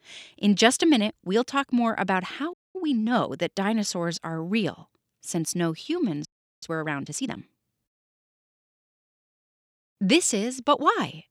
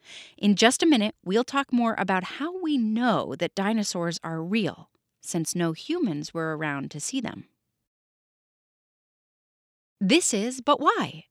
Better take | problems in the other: second | audio freezing; at 2.5 s and at 6.5 s

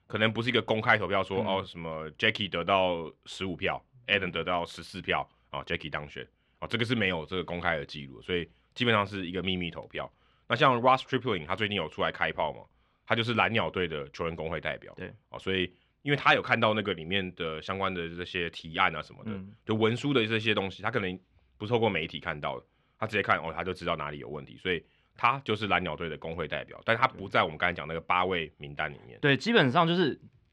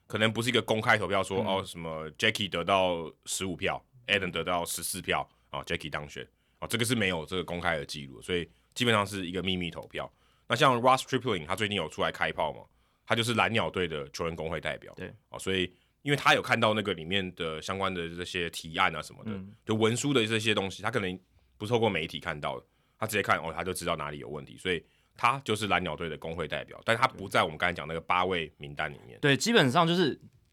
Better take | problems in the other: second | muffled; slightly; fading above 3 kHz

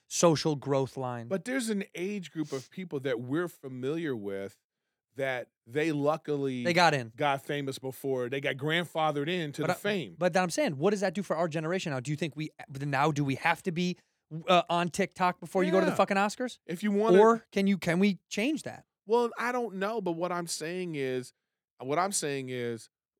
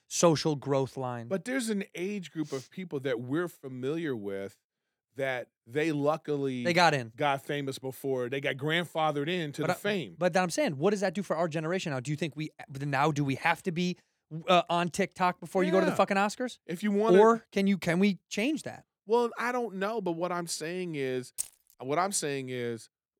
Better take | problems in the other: first | jangling keys; noticeable; at 21 s; peak 8 dB below the speech

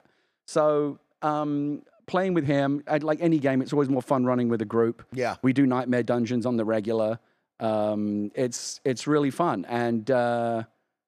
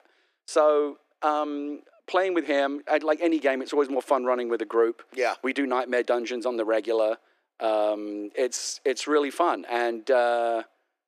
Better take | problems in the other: first | thin; somewhat; fading below 300 Hz

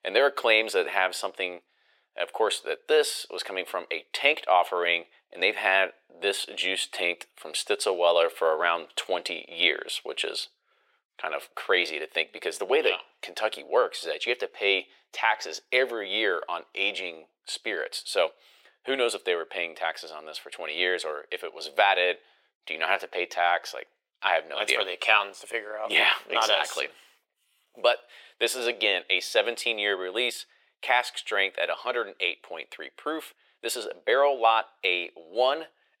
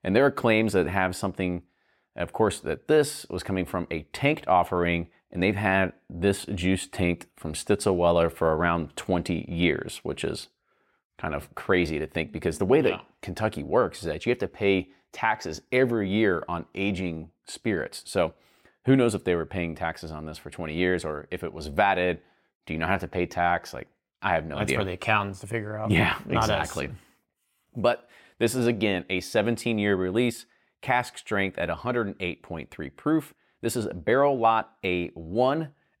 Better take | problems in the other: second | thin; very; fading below 450 Hz

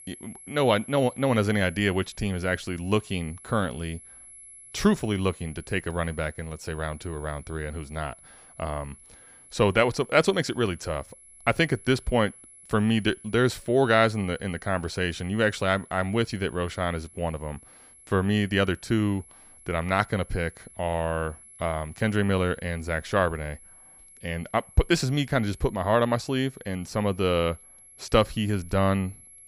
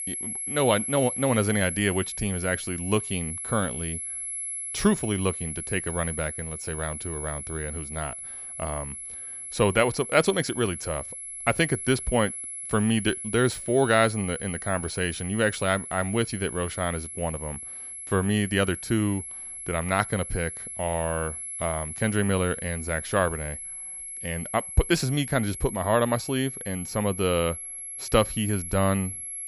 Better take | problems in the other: first | high-pitched whine; loud; throughout; 11 kHz, 7 dB below the speech; faint in the first

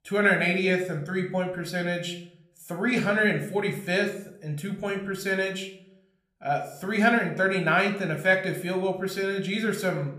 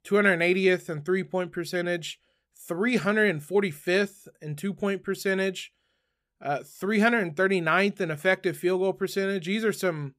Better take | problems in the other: second | room echo; slight; dies away in 0.5 s

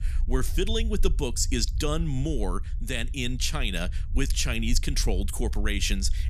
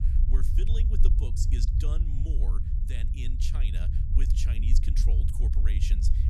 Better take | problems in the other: first | low rumble; loud; throughout; 2 dB below the speech; faint in the first

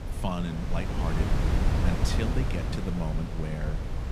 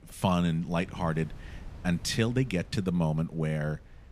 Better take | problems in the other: second | wind noise on the microphone; heavy; as loud as the speech; occasional gusts in the second

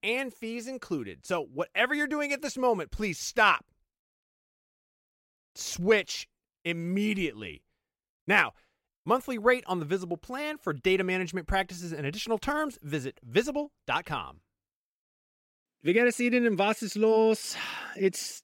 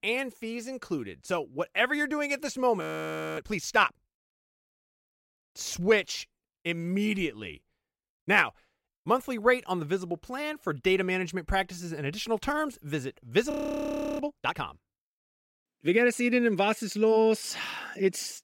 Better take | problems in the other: first | audio freezing; at 3 s for 0.5 s and at 14 s for 0.5 s

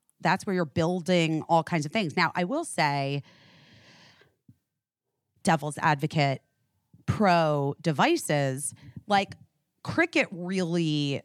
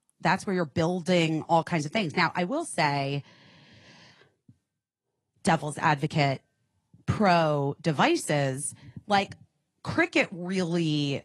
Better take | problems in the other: first | garbled, watery; slightly

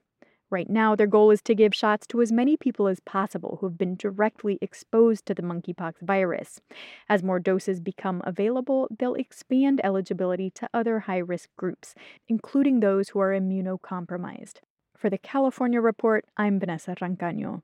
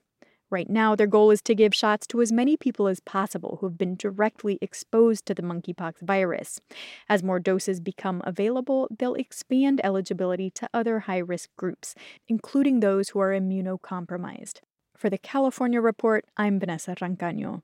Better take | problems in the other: second | muffled; slightly; fading above 3.5 kHz

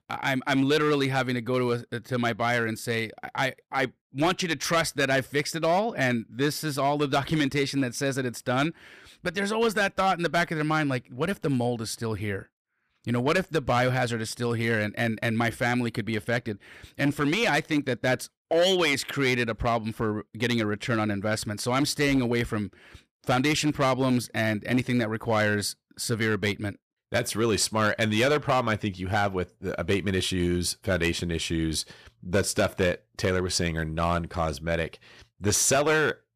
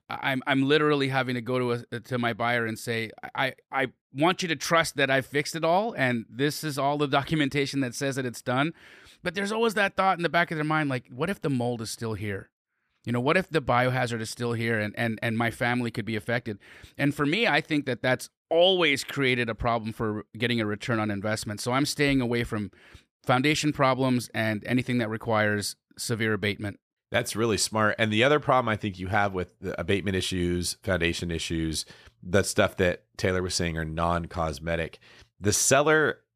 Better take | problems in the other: second | distortion; slight; 5% of the sound clipped

